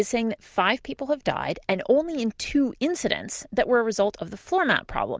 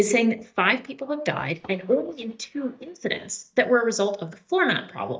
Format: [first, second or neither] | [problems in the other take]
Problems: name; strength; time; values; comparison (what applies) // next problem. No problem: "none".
first | noise reduction (neural mask model DeepFilterNet 3)